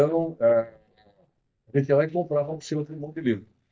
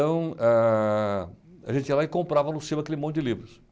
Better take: second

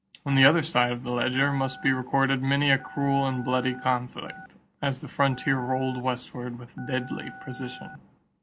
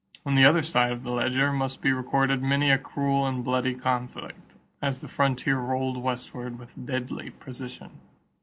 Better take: second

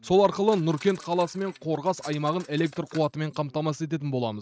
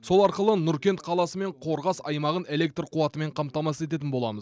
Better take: second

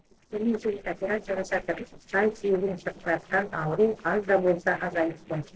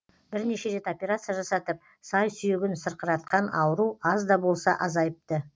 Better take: second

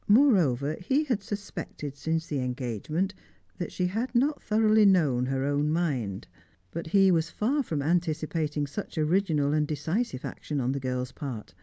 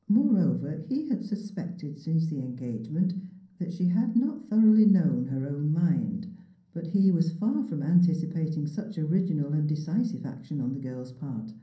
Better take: first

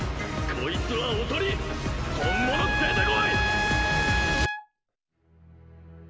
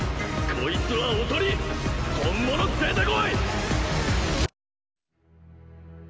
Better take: second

